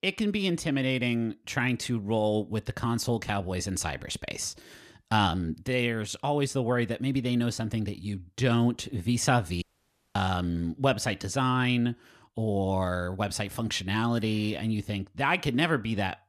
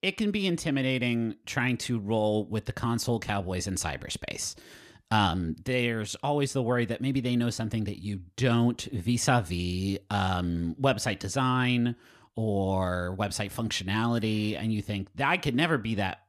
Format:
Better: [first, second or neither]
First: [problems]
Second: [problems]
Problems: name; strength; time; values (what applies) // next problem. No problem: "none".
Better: second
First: audio cutting out; at 9.5 s for 0.5 s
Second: none